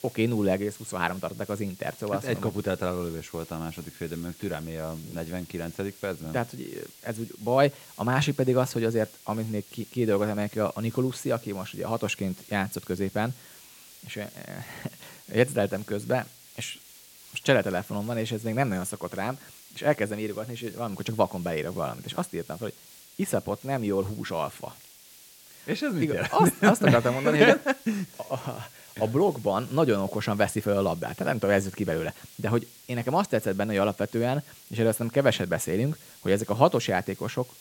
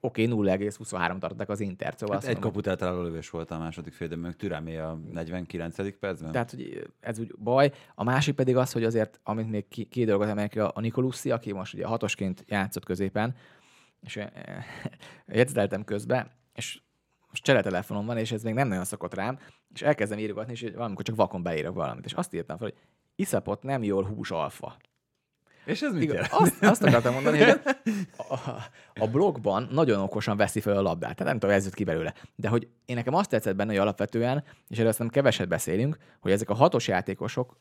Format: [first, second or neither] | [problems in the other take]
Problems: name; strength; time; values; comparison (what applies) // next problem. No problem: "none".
second | hiss; faint; throughout; 20 dB below the speech